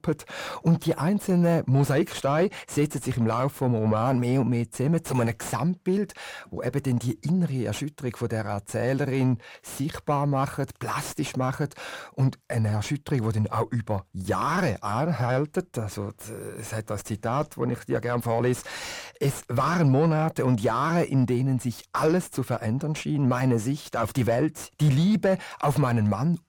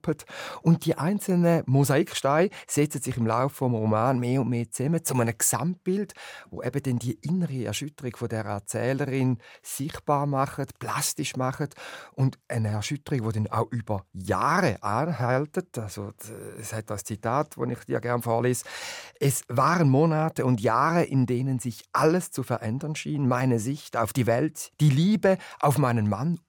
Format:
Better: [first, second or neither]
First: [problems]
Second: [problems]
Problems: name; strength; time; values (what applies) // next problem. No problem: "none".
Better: second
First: distortion; slight; 10 dB below the speech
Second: none